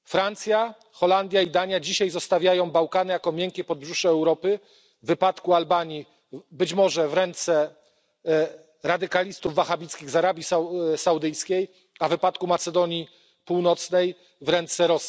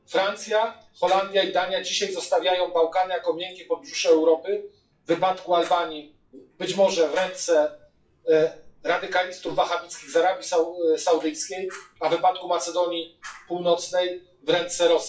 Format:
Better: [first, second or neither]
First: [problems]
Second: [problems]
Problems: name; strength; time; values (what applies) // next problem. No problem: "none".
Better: first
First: none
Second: noise reduction (classical method WPE with log-MMSE)